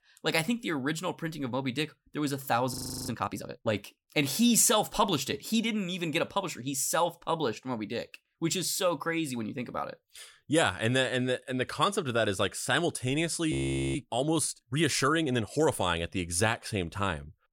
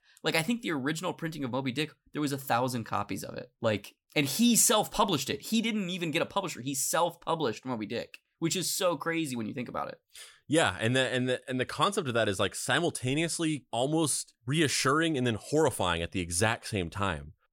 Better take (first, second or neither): second